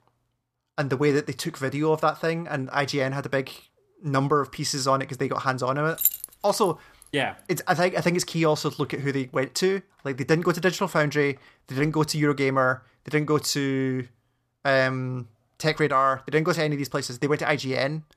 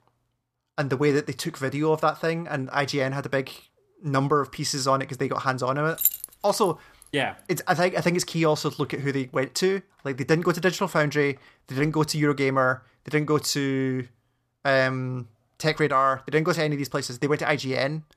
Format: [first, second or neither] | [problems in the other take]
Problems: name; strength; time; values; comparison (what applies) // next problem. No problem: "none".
neither | jangling keys; loud; at 6 s; peak 2 dB above the speech; the same in both